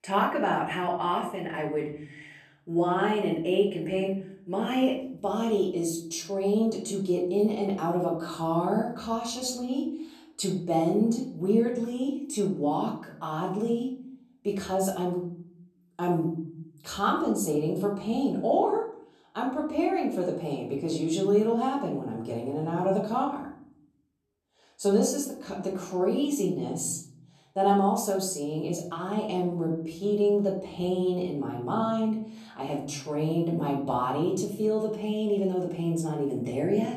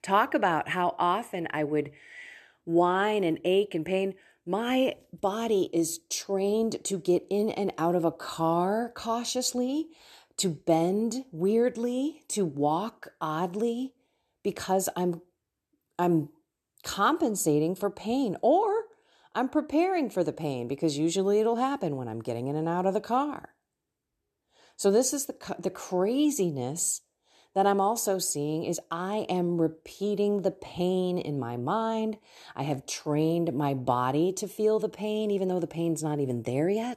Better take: second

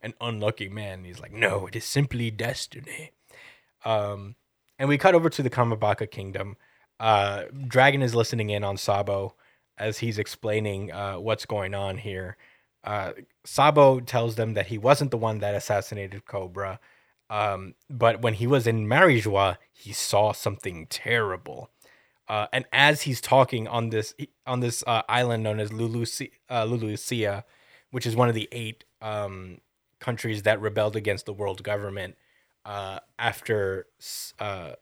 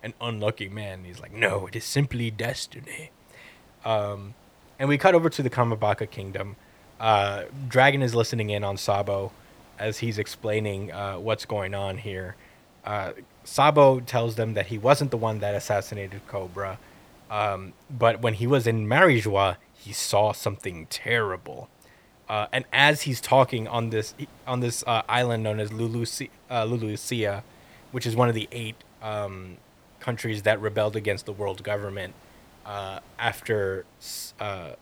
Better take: first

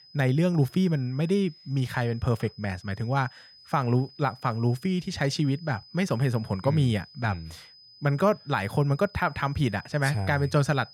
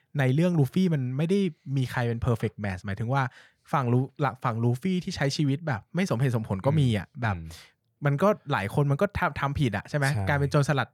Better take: second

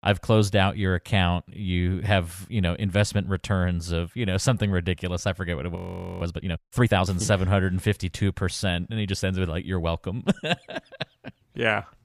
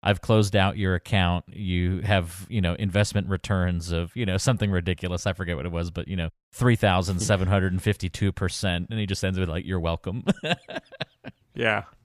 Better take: second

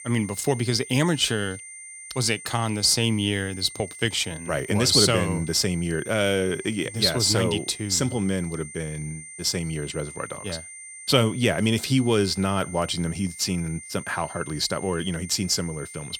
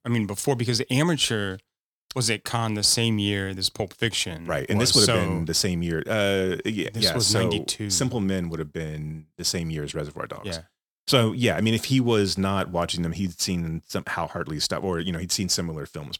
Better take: second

